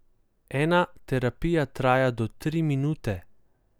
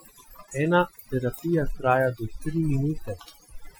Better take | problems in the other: first | noise reduction (classical method Wiener filter)

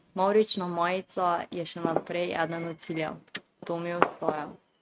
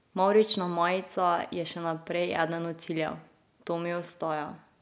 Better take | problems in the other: second | noise reduction (neural mask model RNNoise)

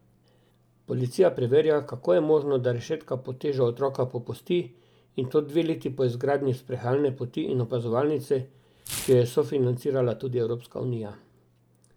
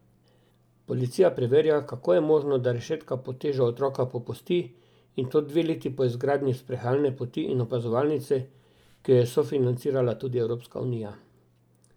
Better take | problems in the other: second | background sound (Tearing); 18 dB below the speech

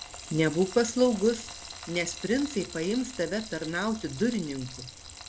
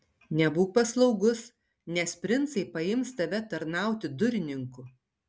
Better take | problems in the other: second | background sound (Frying (food)); 13 dB below the speech

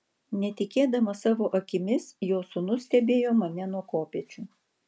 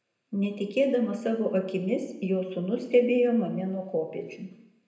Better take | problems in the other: first | room echo; dies away in 0.8 s

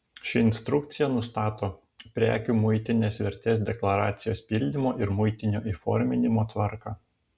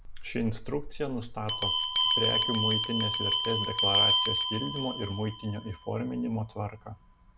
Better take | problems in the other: first | background sound (Bell); 3 dB above the speech

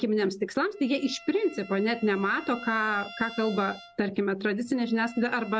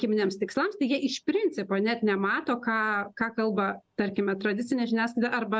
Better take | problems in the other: second | background sound (Bowed string instrument); 19 dB below the speech

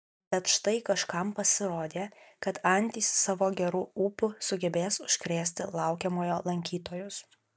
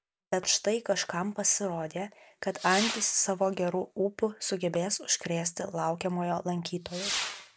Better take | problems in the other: first | background sound (Whoosh, swoosh, swish / Fireworks); 12 dB below the speech

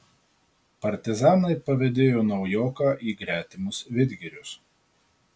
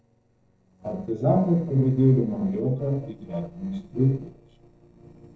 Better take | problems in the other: first | noise reduction (neural separator model SepFormer DNS4)

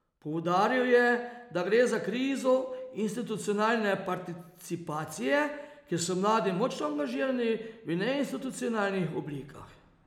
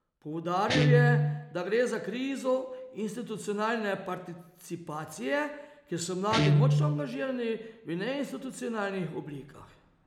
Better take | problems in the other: first | background sound (Guitar); as loud as the speech

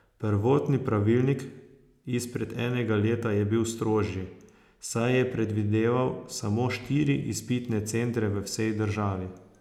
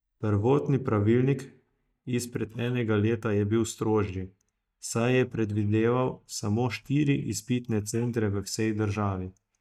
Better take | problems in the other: first | noise reduction (neural mask model DeepFilterNet 3)

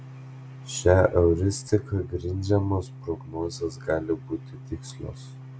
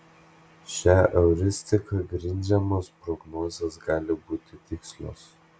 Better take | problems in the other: second | background sound (Organ); 15 dB below the speech

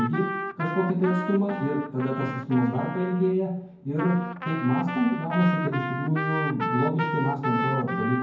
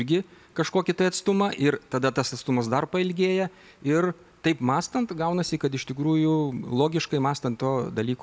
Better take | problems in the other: second | background sound (Trumpet); 6 dB below the speech // room echo; dies away in 0.9 s

